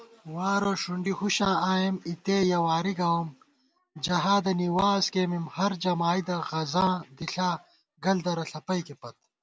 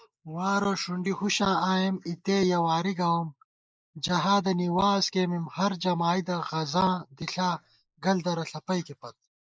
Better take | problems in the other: first | noise reduction (neural mask model Resemble Enhance denoiser)

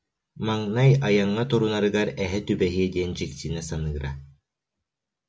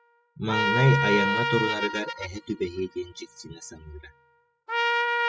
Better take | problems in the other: first | noise reduction (classical method spectral subtraction)

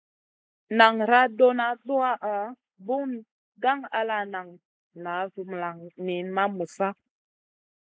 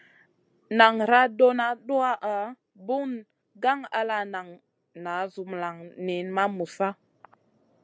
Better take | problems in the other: second | noise reduction (neural mask model Resemble Enhance denoiser)

